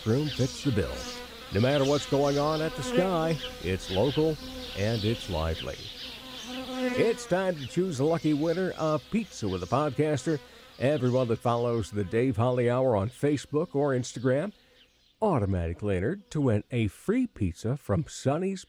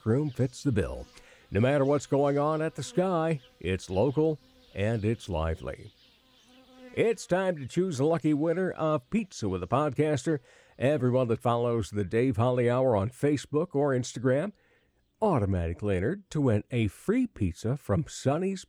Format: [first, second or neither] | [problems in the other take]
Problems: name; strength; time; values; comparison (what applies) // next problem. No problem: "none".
second | animal sounds; loud; throughout; 9 dB below the speech; faint in the second